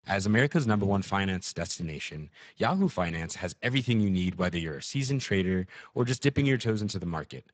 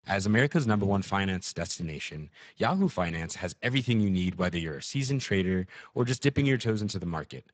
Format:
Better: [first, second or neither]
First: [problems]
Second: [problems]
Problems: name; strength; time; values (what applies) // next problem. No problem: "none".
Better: neither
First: garbled, watery; badly; nothing above 8 kHz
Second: garbled, watery; badly; nothing above 8 kHz